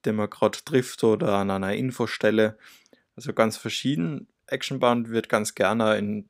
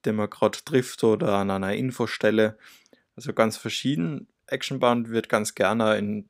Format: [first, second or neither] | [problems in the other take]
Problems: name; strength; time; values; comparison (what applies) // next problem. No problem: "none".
neither | none